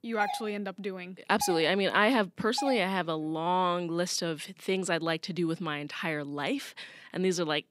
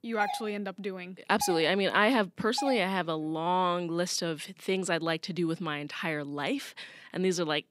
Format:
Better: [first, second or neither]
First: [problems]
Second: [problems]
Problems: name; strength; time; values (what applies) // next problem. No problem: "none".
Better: neither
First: doorbell; noticeable; until 3 s; peak 6 dB below the speech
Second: doorbell; noticeable; until 3 s; peak 6 dB below the speech